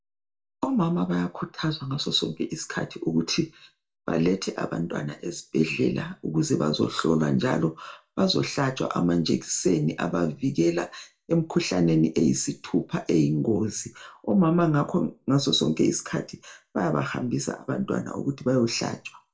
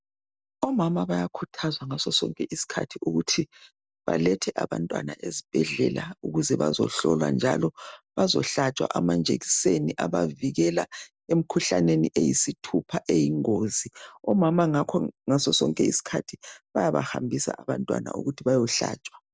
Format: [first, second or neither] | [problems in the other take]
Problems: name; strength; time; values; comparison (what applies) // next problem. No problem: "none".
second | room echo; dies away in 0.2 s